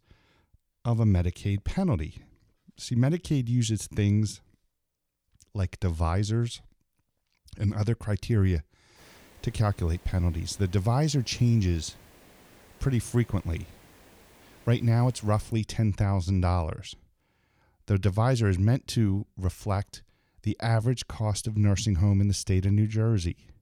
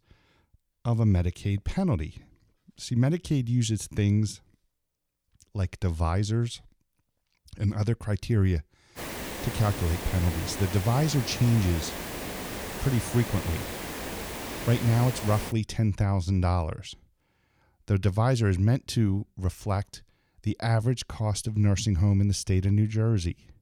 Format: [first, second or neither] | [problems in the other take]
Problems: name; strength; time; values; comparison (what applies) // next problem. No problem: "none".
first | hiss; loud; from 9 to 16 s; 8 dB below the speech; faint in the first